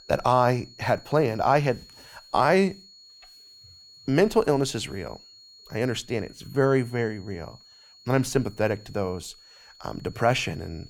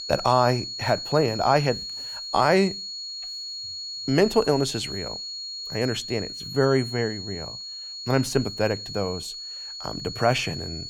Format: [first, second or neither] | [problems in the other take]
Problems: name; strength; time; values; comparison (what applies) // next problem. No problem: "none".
first | high-pitched whine; loud; throughout; 4.5 kHz, 8 dB below the speech; faint in the first